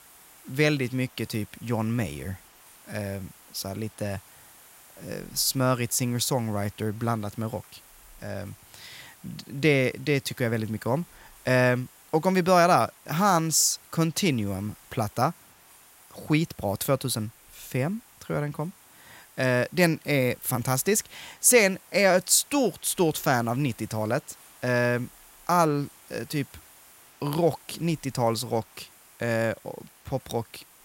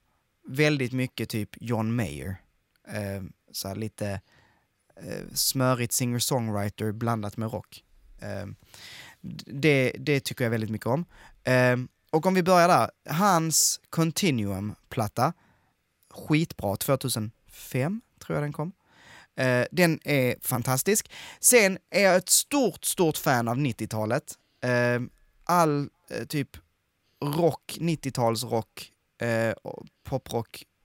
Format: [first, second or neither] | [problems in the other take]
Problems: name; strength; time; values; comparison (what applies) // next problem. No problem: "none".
second | hiss; faint; throughout; 25 dB below the speech